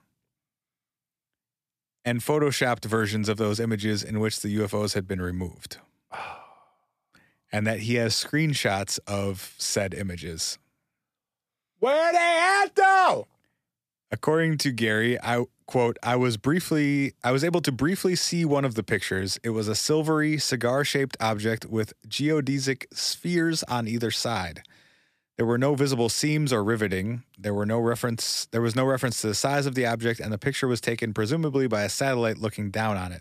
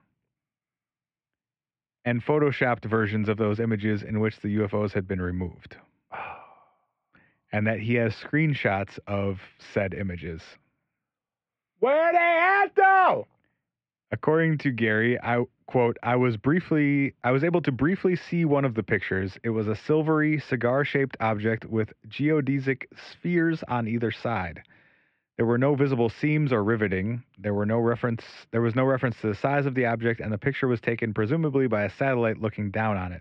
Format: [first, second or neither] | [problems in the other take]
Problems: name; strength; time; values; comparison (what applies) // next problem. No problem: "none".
first | muffled; very; fading above 2.5 kHz